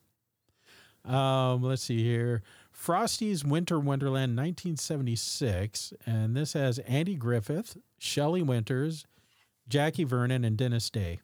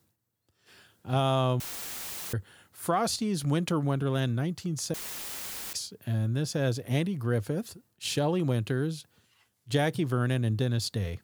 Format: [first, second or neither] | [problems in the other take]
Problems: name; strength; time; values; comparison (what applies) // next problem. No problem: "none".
first | audio cutting out; filled with static; at 1.5 s for 0.5 s and at 5 s for 1 s